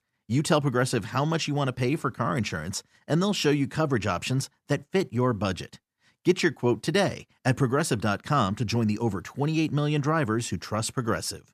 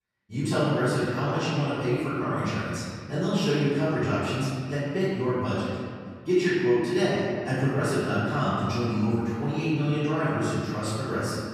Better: first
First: none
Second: off-mic speech; far // room echo; strong; dies away in 1.9 s

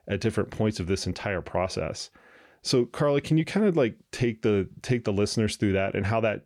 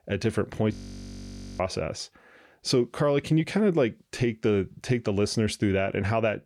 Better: first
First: none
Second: audio freezing; at 0.5 s for 1 s

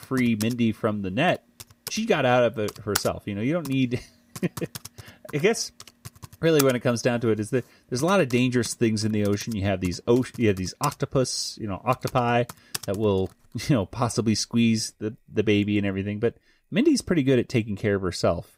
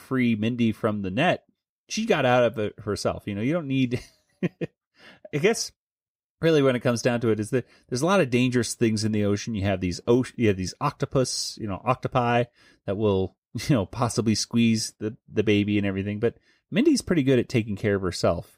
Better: second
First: household noises; noticeable; throughout; 15 dB below the speech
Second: none

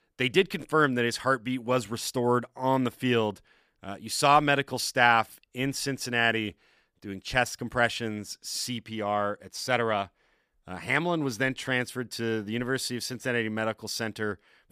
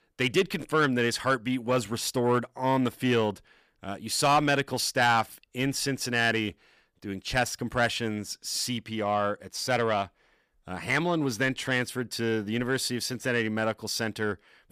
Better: first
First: none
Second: distortion; slight; 10 dB below the speech

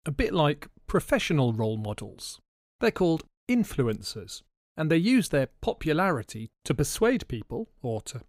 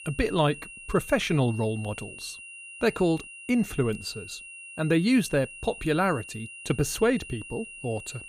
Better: first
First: none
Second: high-pitched whine; noticeable; throughout; 2.5 kHz, 15 dB below the speech

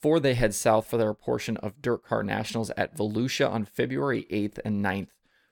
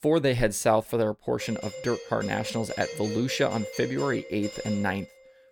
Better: first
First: none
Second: doorbell; noticeable; from 1.5 s on; peak 8 dB below the speech

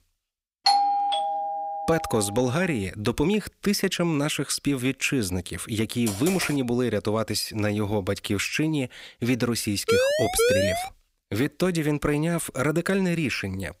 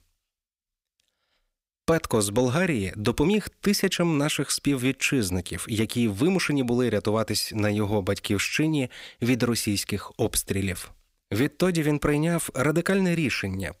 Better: second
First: doorbell; loud; from 0.5 to 2 s; peak 5 dB above the speech // keyboard typing; noticeable; at 6 s; peak 6 dB below the speech // siren; loud; from 10 to 11 s; peak 4 dB above the speech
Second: none

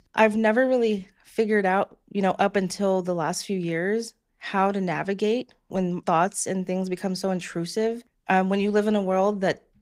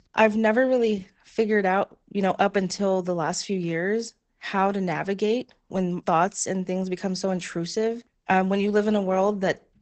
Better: first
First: garbled, watery; slightly; nothing above 15.5 kHz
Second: garbled, watery; badly; nothing above 8 kHz

